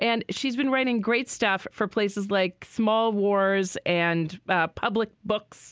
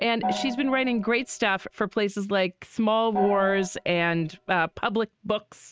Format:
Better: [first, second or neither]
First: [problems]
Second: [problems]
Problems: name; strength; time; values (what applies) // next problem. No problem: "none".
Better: first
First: none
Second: noise reduction (neural mask model RNNoise)